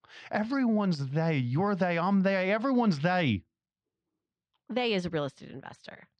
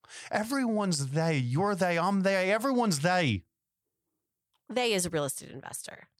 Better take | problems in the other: second | muffled; very slightly; fading above 4.5 kHz

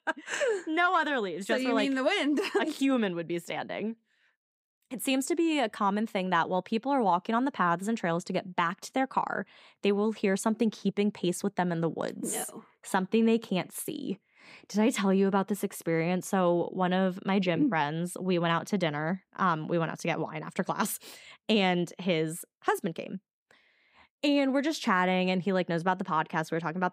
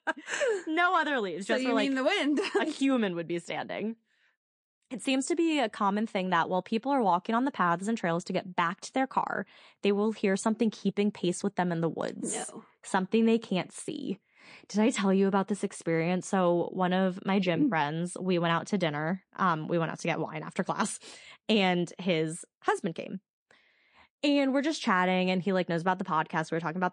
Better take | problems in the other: first | garbled, watery; slightly; nothing above 9 kHz

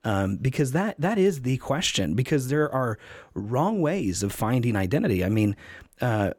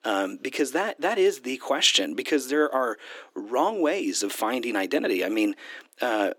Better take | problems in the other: first | thin; somewhat; fading below 300 Hz

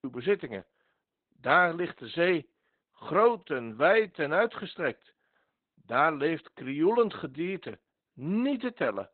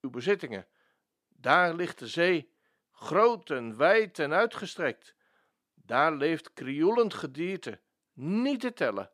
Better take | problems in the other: second | garbled, watery; badly; nothing above 4 kHz

